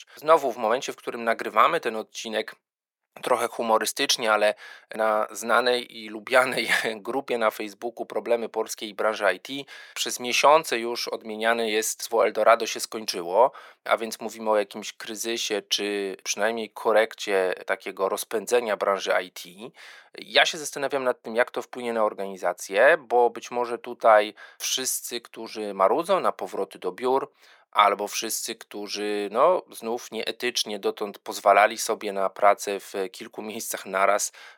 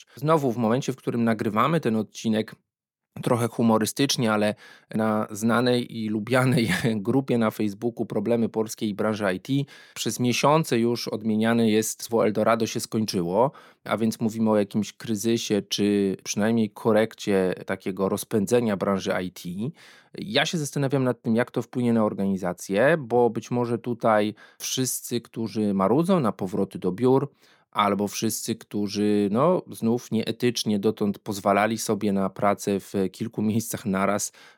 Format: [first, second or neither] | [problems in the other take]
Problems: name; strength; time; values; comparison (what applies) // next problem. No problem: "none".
second | thin; very; fading below 600 Hz